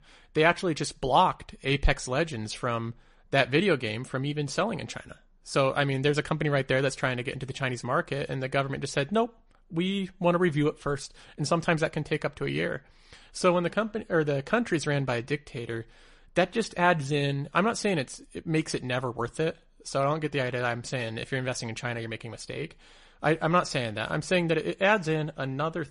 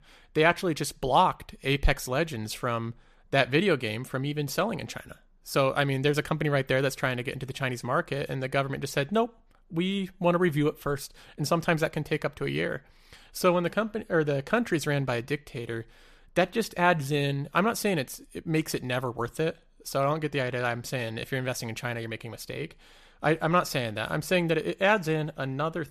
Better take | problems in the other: second | garbled, watery; slightly; nothing above 10.5 kHz

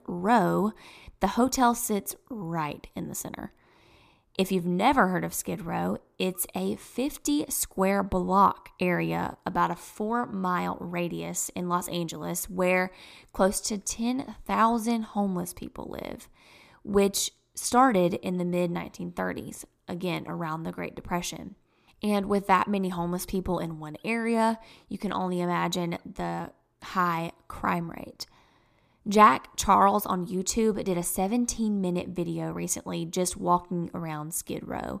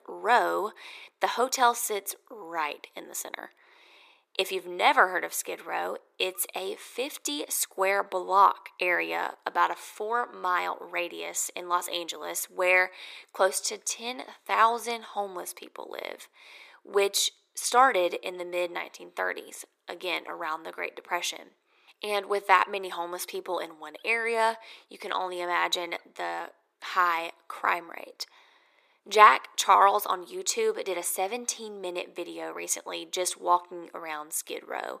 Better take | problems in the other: first | thin; very; fading below 400 Hz

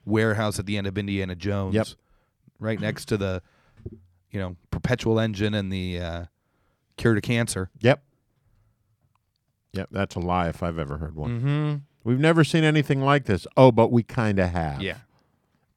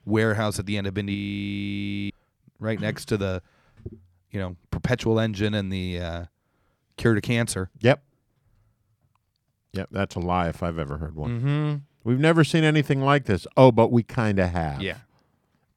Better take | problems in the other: first | audio freezing; at 1 s for 1 s

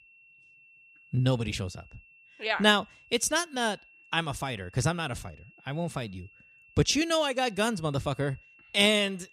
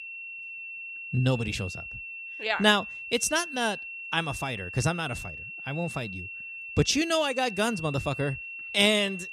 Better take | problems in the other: first | high-pitched whine; loud; throughout; 2.5 kHz, 10 dB below the speech; faint in the first

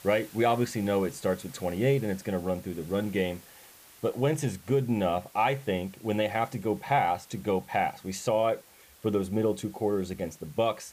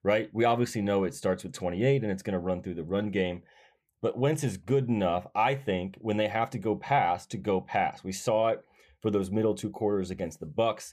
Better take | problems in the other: second | hiss; faint; throughout; 20 dB below the speech

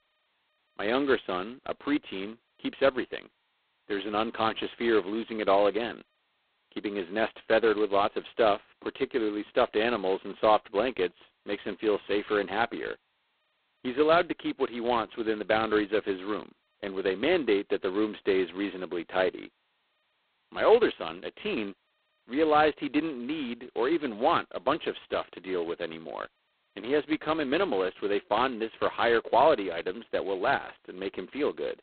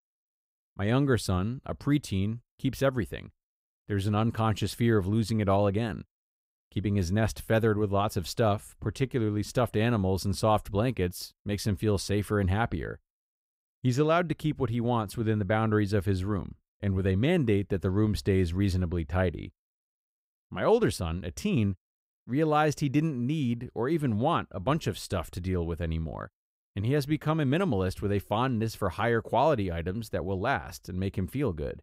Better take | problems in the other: second | phone-call audio; poor line; nothing above 4 kHz

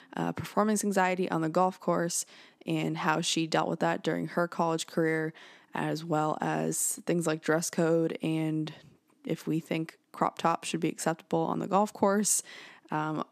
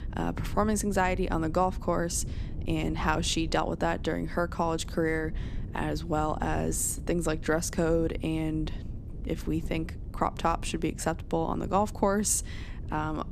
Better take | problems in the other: first | wind noise on the microphone; occasional gusts; 20 dB below the speech

